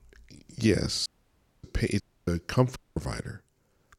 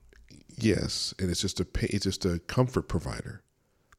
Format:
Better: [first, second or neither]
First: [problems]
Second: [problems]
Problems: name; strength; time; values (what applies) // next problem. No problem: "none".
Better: second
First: audio cutting out; at 1 s for 0.5 s, at 2 s and at 3 s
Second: none